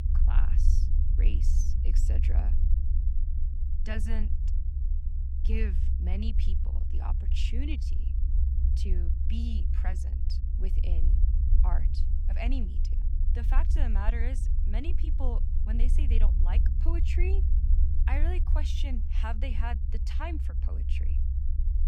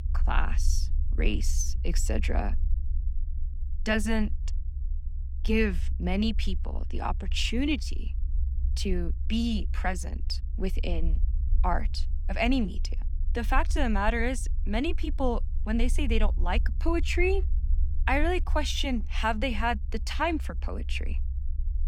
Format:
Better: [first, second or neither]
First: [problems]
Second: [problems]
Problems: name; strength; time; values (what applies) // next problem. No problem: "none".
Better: second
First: low rumble; loud; throughout; 6 dB below the speech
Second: low rumble; faint; throughout; 20 dB below the speech